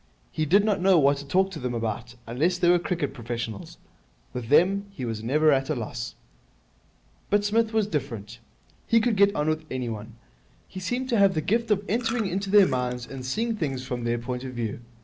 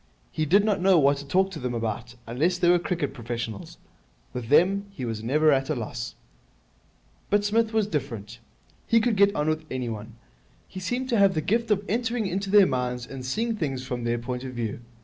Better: second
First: background sound (Chewing, mastication); 19 dB below the speech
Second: none

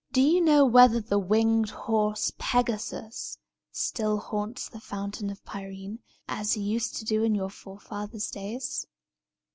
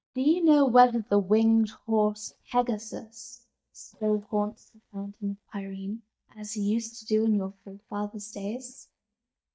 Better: first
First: none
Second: noise reduction (neural mask model DeepFilterNet 3)

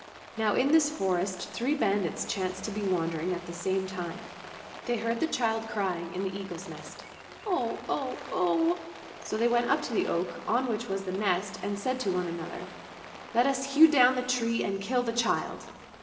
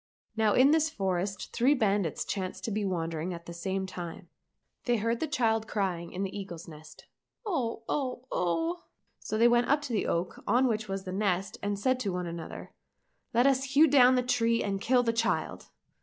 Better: second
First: background sound (Rain); 15 dB below the speech // room echo; dies away in 1.6 s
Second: none

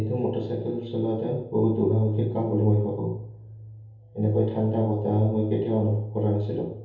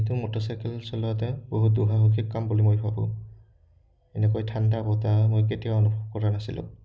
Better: second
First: room echo; dies away in 0.7 s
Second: none

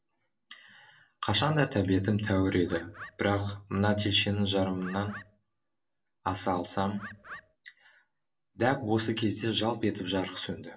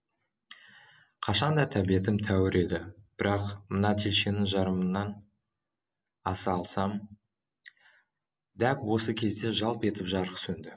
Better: second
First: background sound (Bird); 15 dB below the speech // room echo; dies away in 0.2 s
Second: none

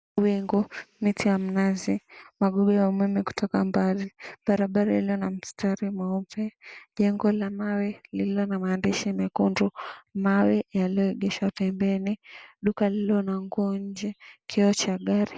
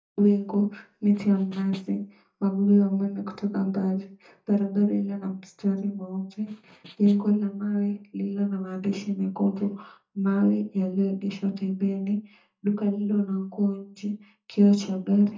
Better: first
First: none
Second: noise reduction (neural mask model DeepFilterNet 3)

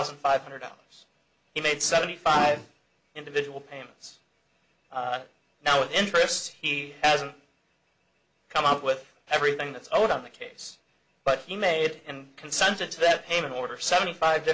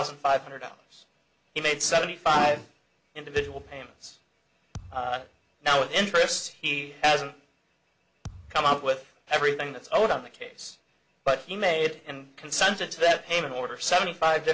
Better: first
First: none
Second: background sound (Thump, thud); 20 dB below the speech

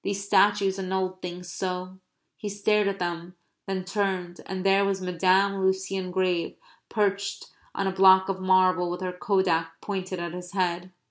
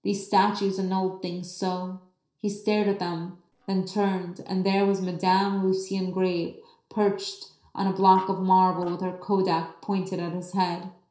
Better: first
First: none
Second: noise reduction (neural separator model SepFormer DNS4)

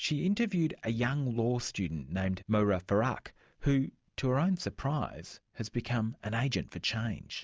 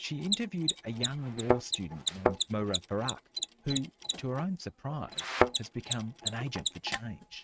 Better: first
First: none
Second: noise reduction (neural mask model RNNoise)

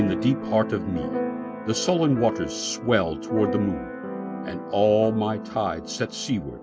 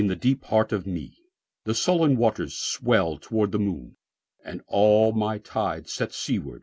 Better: second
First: background sound (Keyboard (musical)); 7 dB below the speech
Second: none

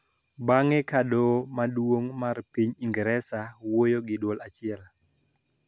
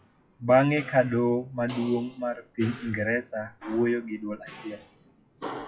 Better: first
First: none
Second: noise reduction (classical method WPE with log-MMSE)

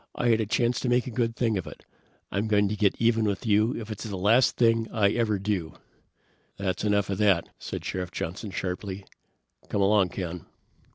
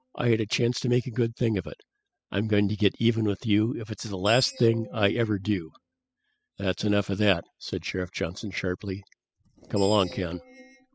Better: first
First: none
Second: noise reduction (classical method spectral subtraction)

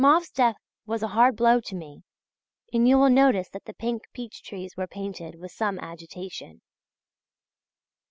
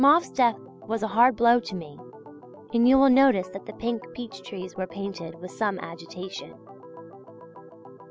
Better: first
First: none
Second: background sound (Organ); 18 dB below the speech

